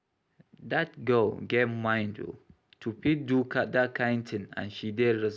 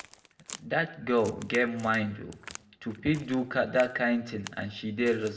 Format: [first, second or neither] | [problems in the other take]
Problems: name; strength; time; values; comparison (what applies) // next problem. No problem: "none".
first | background sound (Crack); 19 dB below the speech // room echo; dies away in 0.5 s